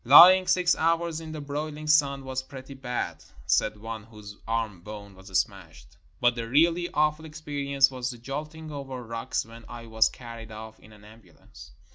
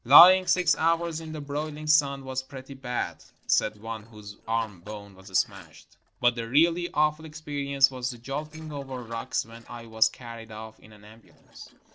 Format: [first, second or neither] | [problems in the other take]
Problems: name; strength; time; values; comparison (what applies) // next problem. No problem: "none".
first | noise reduction (neural separator model SepFormer DNS4)